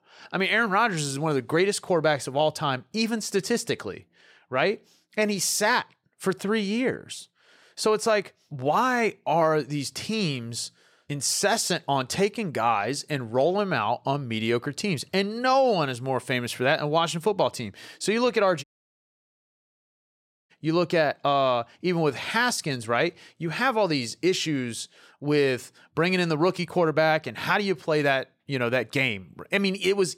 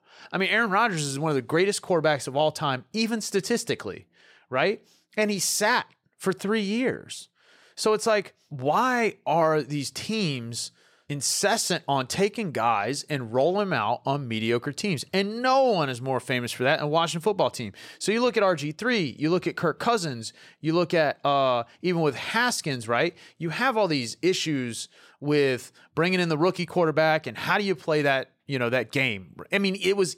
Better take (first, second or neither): second